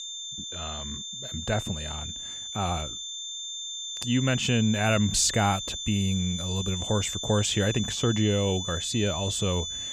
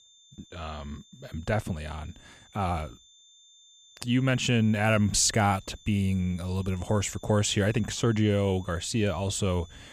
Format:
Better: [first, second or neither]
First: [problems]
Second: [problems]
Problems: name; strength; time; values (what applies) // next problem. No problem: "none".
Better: second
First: high-pitched whine; loud; throughout; 3.5 kHz, 6 dB below the speech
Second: high-pitched whine; faint; throughout; 3.5 kHz, 25 dB below the speech